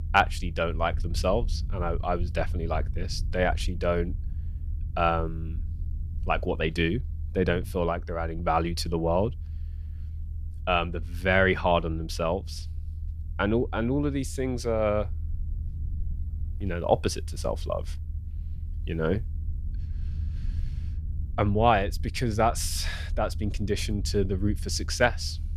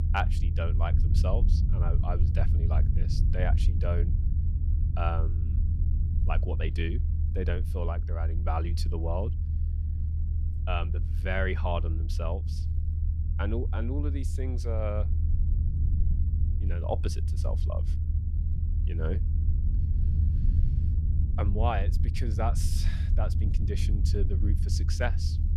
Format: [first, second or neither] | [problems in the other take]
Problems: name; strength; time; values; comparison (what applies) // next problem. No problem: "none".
first | low rumble; loud; throughout; 8 dB below the speech; faint in the first